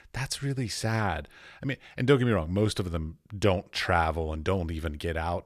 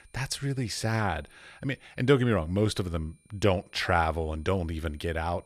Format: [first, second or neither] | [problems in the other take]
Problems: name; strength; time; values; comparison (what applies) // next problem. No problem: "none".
first | high-pitched whine; faint; throughout; 9 kHz, 35 dB below the speech